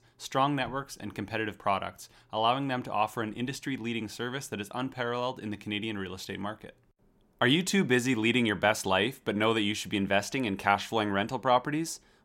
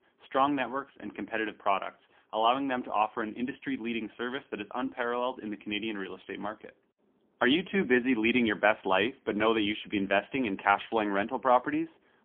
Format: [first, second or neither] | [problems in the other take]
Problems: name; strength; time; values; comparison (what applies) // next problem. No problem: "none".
first | phone-call audio; poor line; nothing above 3.5 kHz